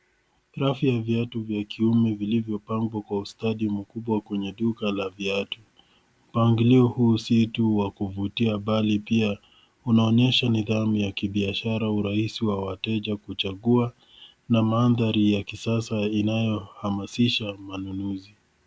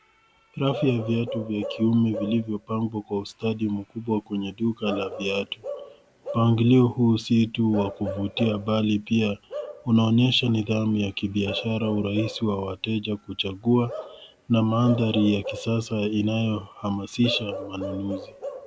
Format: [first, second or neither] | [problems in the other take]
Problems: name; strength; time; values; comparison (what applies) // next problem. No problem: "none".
first | background sound (Bark / Livestock, farm animals, working animals); 14 dB below the speech